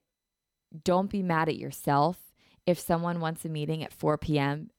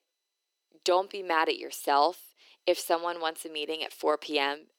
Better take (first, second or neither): first